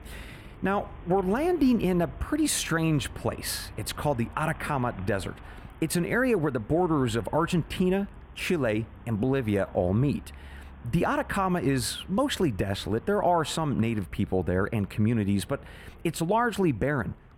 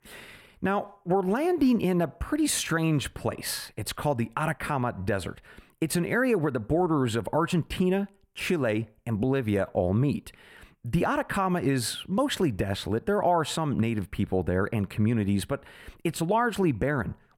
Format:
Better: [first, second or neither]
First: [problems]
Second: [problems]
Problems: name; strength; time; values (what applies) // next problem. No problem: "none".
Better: second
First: traffic noise; noticeable; throughout; 20 dB below the speech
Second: none